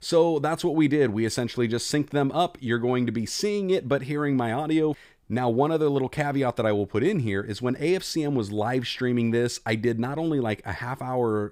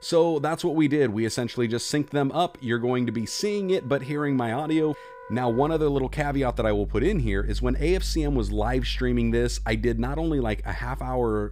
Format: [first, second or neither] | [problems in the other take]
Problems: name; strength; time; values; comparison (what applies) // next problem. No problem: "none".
first | background music; loud; throughout; 10 dB below the speech